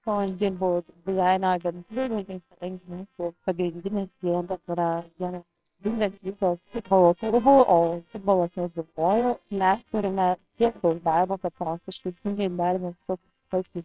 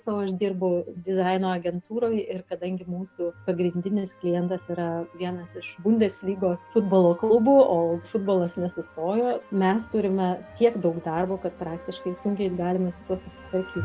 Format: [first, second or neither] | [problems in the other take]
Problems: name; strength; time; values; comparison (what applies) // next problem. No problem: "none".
second | noise reduction (neural separator model SepFormer WHAMR!)